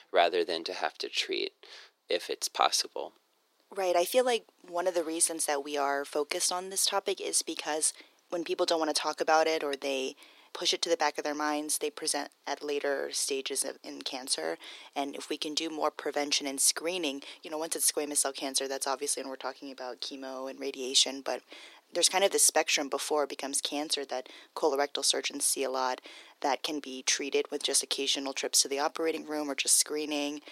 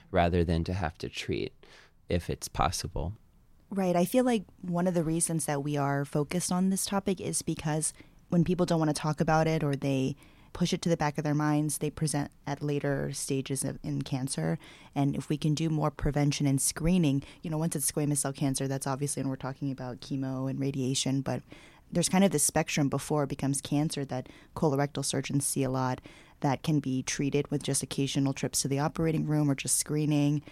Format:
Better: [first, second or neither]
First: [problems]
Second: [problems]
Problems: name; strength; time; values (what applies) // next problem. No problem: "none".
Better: second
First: thin; very; fading below 350 Hz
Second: none